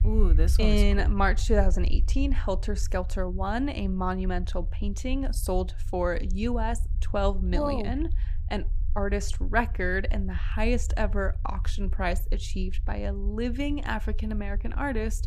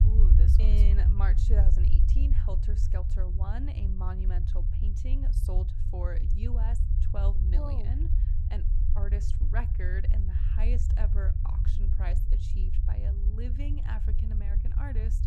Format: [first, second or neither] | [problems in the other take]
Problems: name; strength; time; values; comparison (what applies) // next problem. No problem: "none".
first | low rumble; loud; throughout; 2 dB below the speech; faint in the first